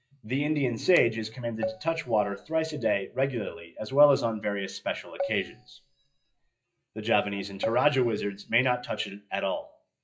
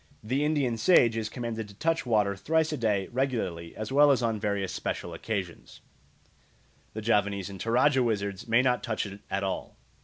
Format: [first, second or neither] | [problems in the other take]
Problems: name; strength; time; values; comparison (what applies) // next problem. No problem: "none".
second | noise reduction (classical method WPE with log-MMSE)